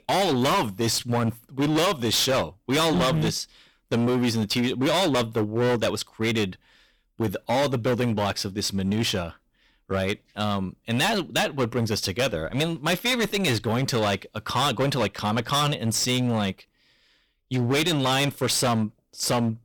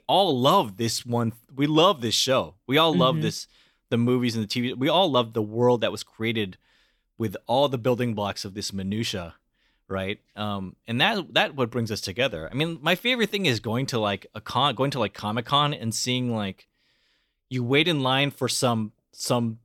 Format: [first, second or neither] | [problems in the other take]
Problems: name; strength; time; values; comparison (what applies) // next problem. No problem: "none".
second | distortion; heavy; 20% of the sound clipped